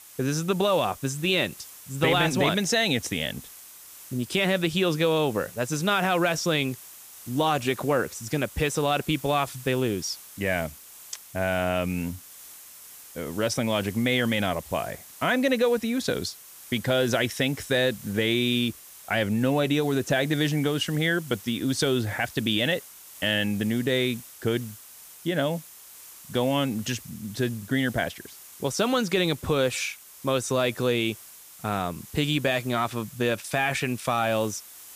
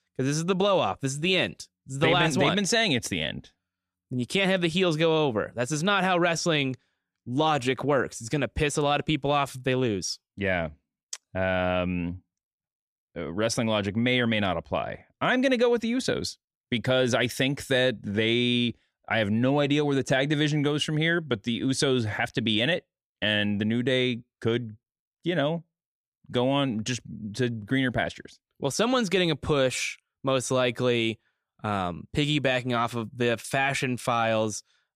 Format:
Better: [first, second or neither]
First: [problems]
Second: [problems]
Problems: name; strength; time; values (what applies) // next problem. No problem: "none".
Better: second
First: hiss; noticeable; throughout; 15 dB below the speech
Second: none